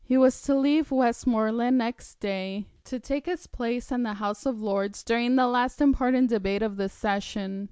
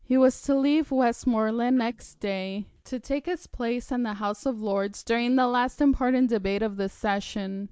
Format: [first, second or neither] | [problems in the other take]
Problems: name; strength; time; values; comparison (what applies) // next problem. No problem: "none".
first | noise reduction (neural mask model Resemble Enhance denoiser)